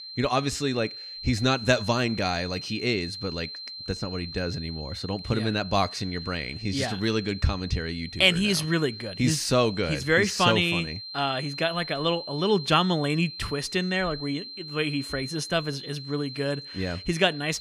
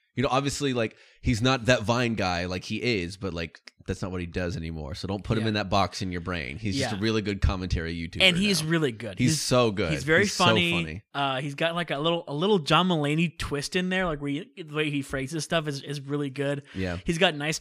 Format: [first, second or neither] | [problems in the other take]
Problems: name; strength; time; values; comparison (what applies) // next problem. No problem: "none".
second | high-pitched whine; noticeable; throughout; 4 kHz, 10 dB below the speech